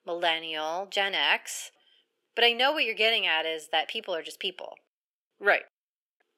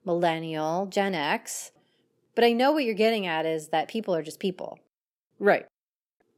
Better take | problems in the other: second | thin; somewhat; fading below 500 Hz

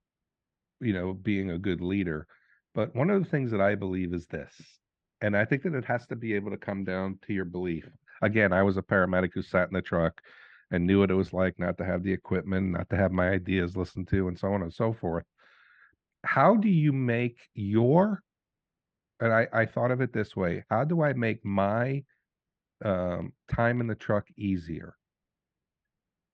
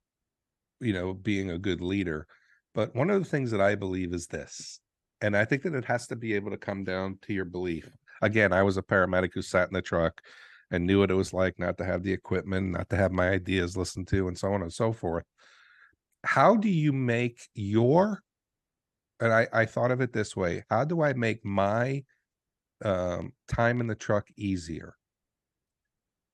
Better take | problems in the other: second | muffled; slightly; fading above 3 kHz

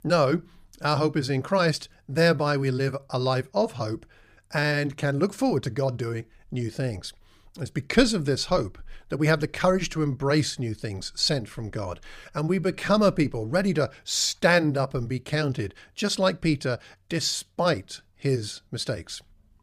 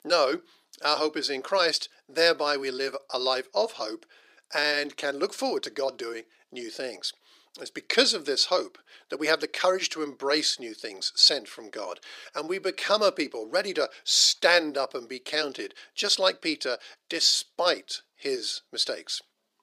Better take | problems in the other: first | thin; very; fading below 350 Hz

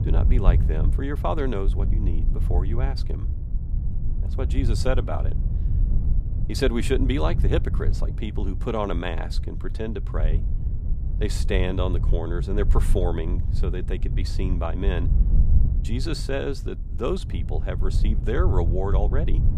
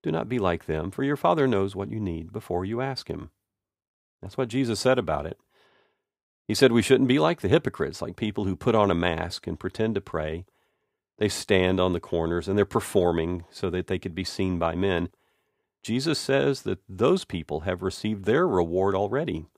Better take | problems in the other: second | low rumble; noticeable; throughout; 10 dB below the speech

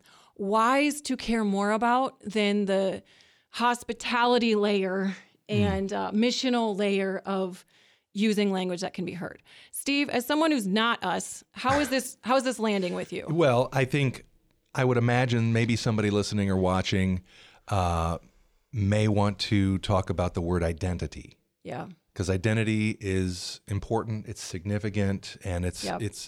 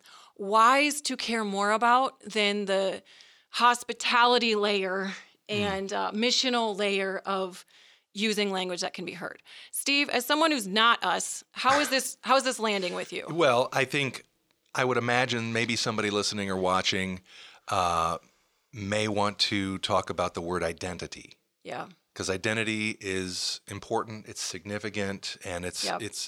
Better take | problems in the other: first | thin; somewhat; fading below 1 kHz

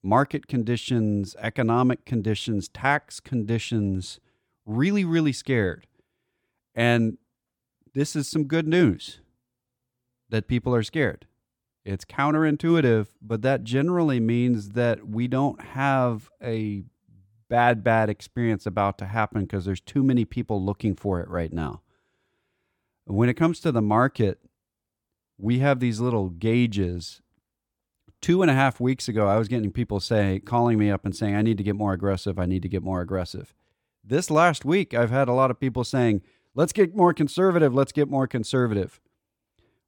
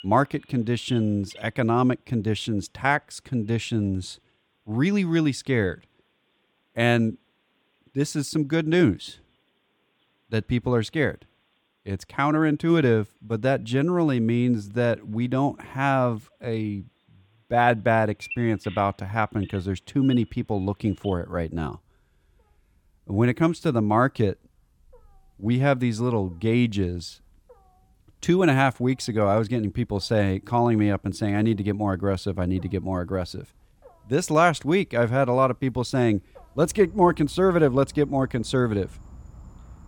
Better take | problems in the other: first | animal sounds; faint; throughout; 25 dB below the speech

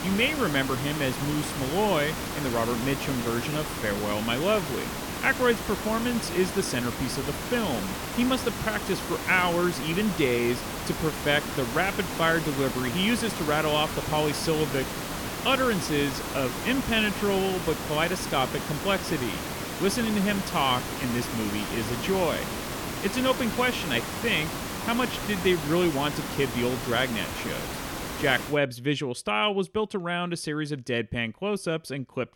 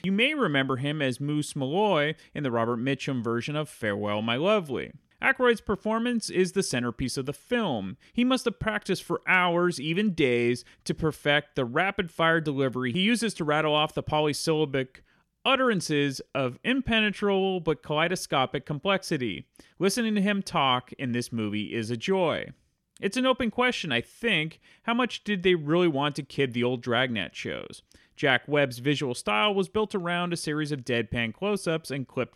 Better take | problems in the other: second | hiss; loud; until 29 s; 5 dB below the speech

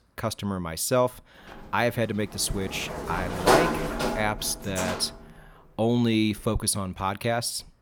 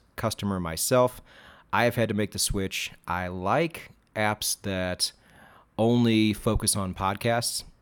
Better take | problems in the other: second | door banging; loud; from 2.5 to 5 s; peak 6 dB above the speech

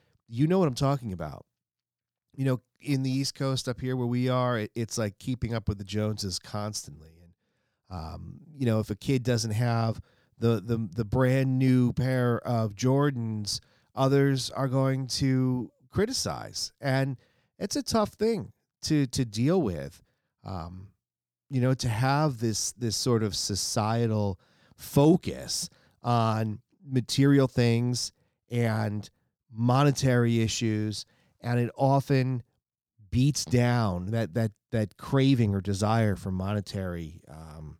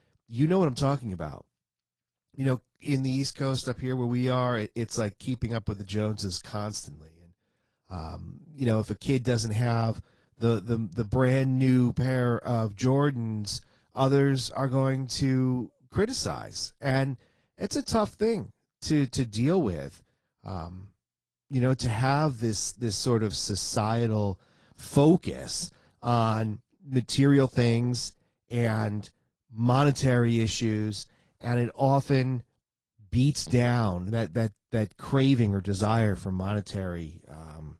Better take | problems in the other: first | garbled, watery; slightly

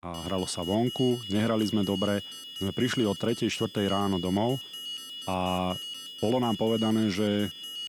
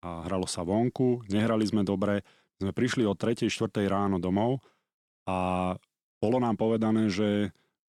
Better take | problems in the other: second | alarm; noticeable; peak 7 dB below the speech

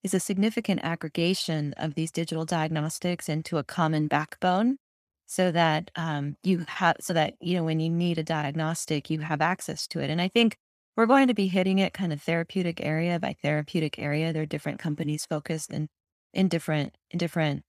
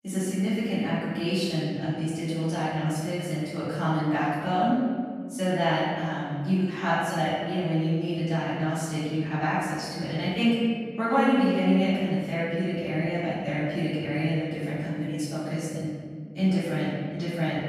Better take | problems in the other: first | off-mic speech; far // room echo; strong; dies away in 1.6 s

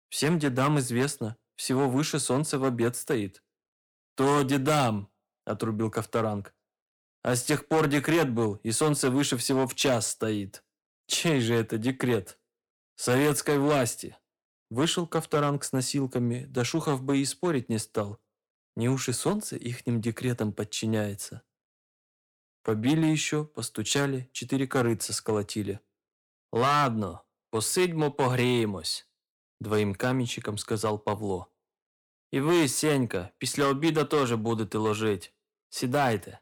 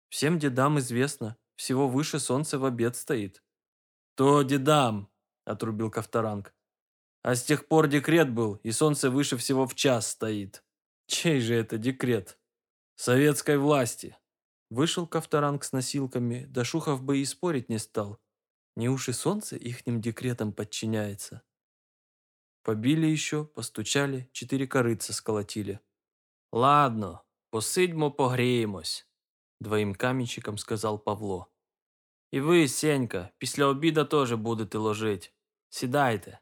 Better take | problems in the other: second | distortion; slight; 5% of the sound clipped

